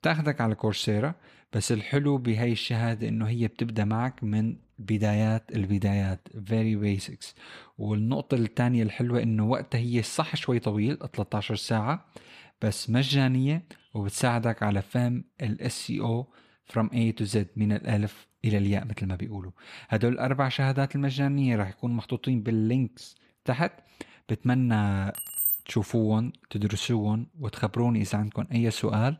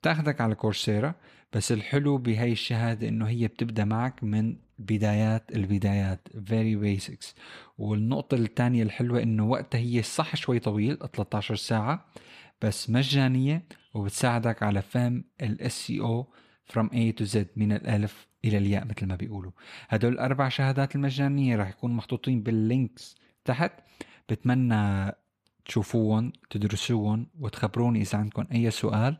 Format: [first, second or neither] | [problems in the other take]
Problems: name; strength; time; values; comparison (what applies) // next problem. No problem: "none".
second | jangling keys; loud; at 25 s; peak 2 dB above the speech